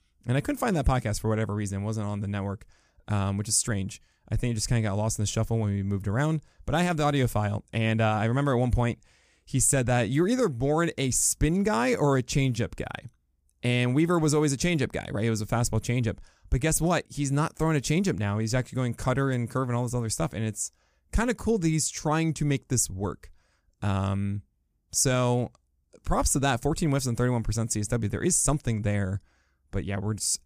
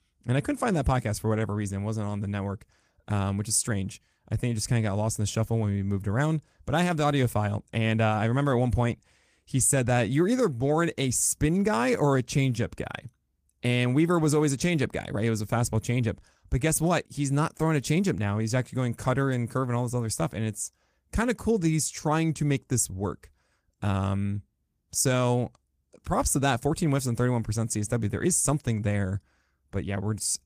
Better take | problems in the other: first | garbled, watery; slightly; nothing above 15 kHz

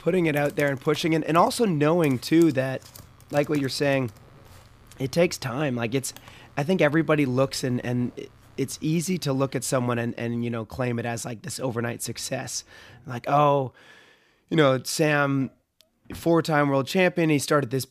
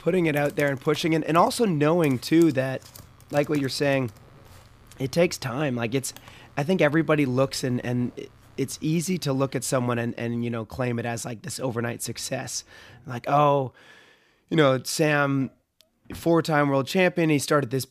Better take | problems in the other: neither | household noises; faint; throughout; 25 dB below the speech; the same in both

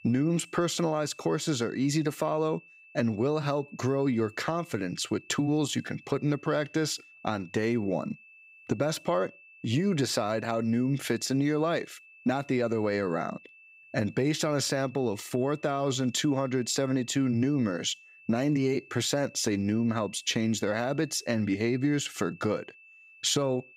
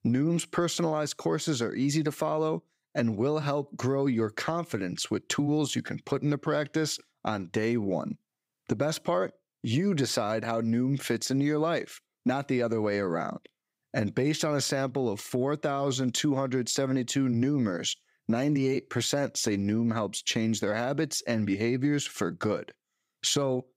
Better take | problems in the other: second | high-pitched whine; faint; throughout; 2.5 kHz, 25 dB below the speech

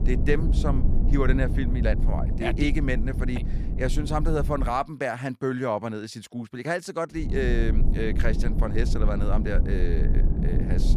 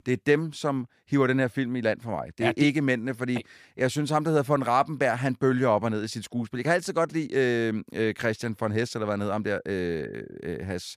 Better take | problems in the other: second | low rumble; loud; until 4.5 s and from 7 s on; 9 dB below the speech

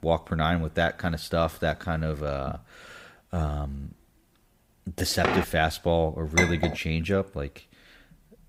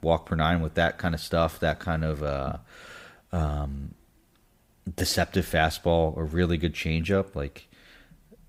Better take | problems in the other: second | door banging; loud; at 5 s; peak level with the speech // clattering dishes; loud; at 6.5 s; peak 3 dB above the speech

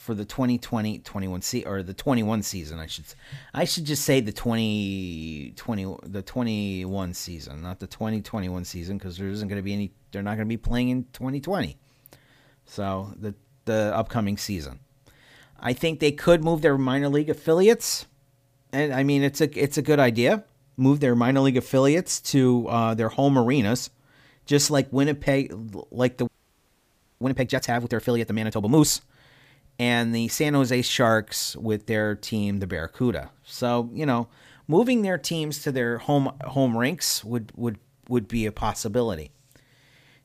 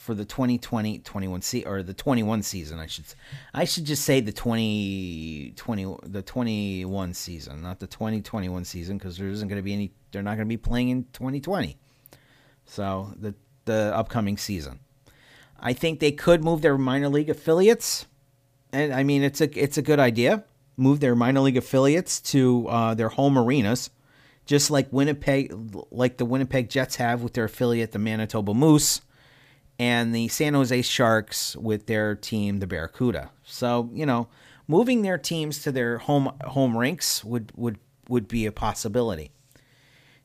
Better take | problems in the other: second | audio freezing; at 26 s for 1 s

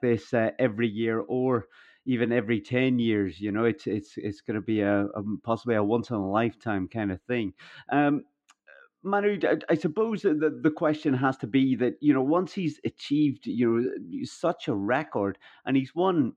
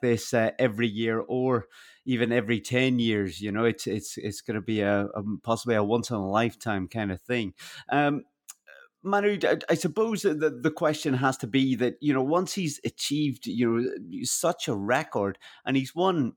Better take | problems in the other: second | muffled; slightly; fading above 2.5 kHz

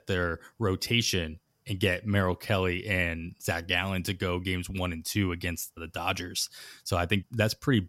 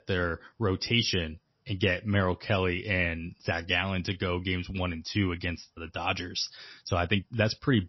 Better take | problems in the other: first | garbled, watery; slightly; nothing above 5.5 kHz

